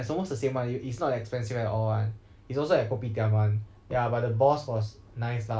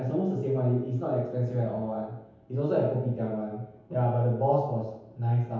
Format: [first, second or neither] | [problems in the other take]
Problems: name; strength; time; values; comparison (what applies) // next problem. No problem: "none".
first | room echo; dies away in 1 s